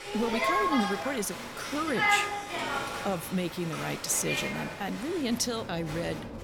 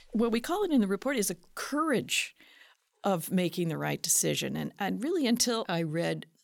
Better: second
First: crowd noise; loud; throughout; as loud as the speech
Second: none

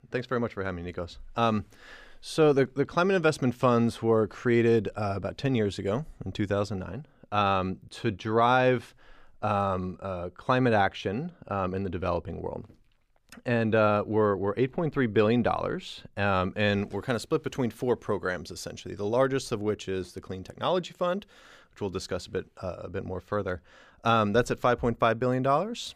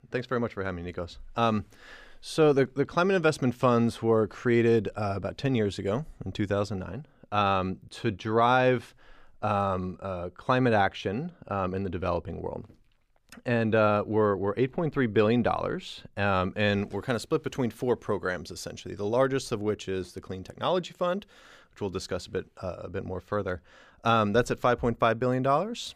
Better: neither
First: none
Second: none

